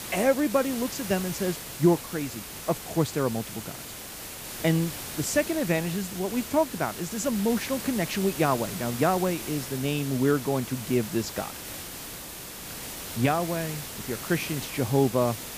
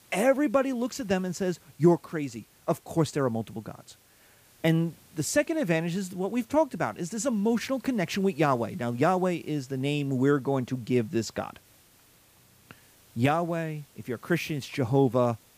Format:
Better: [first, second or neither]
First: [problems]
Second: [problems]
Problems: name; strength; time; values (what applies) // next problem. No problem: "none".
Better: second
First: hiss; loud; throughout; 8 dB below the speech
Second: hiss; faint; throughout; 30 dB below the speech